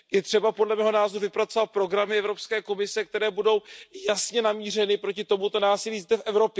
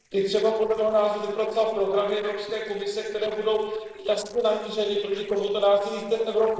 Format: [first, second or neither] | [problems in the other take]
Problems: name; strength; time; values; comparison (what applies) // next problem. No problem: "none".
first | noise reduction (neural separator model SepFormer DNS4)